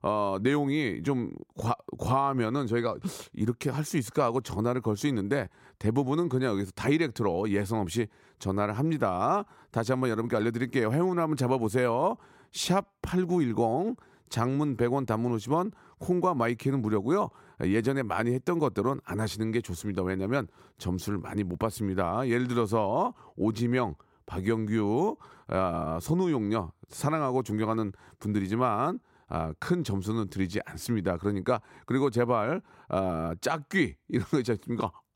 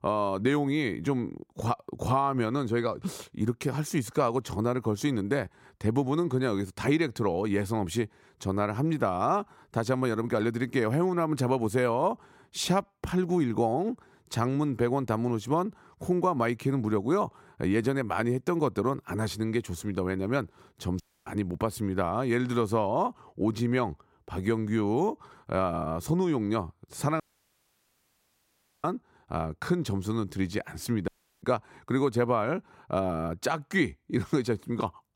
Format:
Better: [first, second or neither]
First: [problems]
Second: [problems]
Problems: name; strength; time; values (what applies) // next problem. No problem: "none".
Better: first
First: none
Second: audio cutting out; at 21 s, at 27 s for 1.5 s and at 31 s